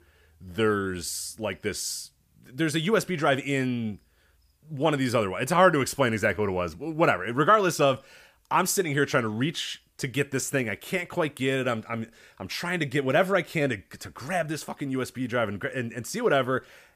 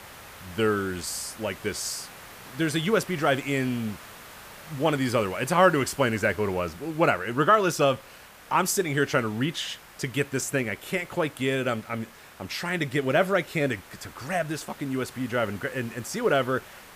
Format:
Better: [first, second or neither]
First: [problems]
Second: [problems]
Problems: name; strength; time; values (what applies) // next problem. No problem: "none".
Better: first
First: none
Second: hiss; noticeable; throughout; 20 dB below the speech